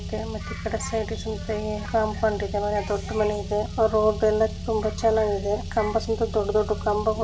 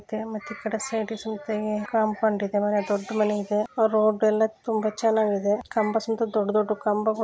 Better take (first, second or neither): second